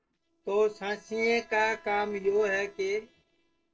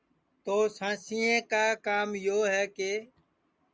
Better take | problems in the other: second | noise reduction (neural separator model SepFormer DNS4)

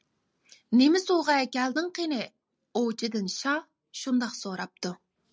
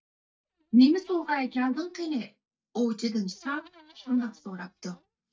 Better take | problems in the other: first | noise reduction (neural mask model DeepFilterNet 3)

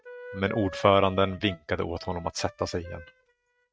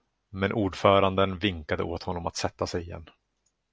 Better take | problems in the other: second | noise reduction (neural mask model RNNoise)

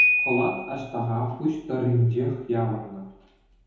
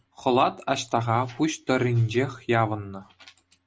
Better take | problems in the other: second | background sound (Piano); 3 dB below the speech // room echo; dies away in 1 s

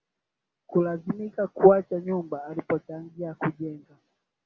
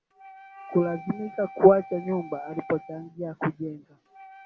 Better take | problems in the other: first | background sound (Wind instrument, woodwind instrument); 19 dB below the speech

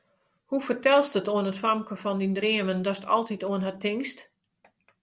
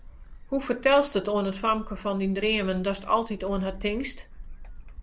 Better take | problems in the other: first | background sound (Gull, seagull); 14 dB below the speech

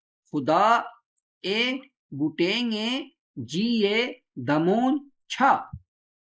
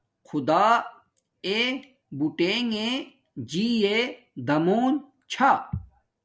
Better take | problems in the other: second | noise reduction (neural mask model Resemble Enhance denoiser)

